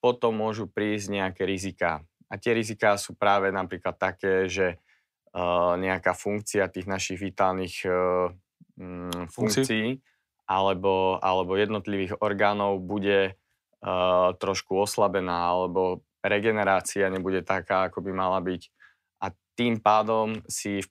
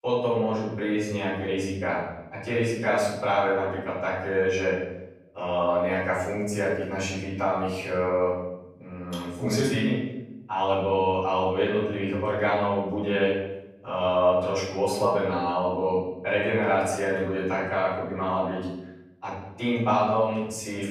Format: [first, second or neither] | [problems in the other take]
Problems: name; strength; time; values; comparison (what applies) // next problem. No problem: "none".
first | room echo; noticeable; dies away in 0.9 s // off-mic speech; far